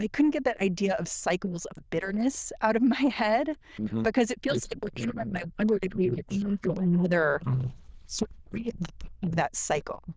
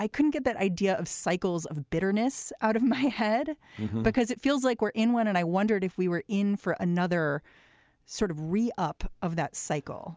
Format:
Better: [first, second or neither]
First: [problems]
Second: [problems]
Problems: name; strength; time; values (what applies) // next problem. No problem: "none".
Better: second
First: noise reduction (neural diffusion model UNIVERSE++)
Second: none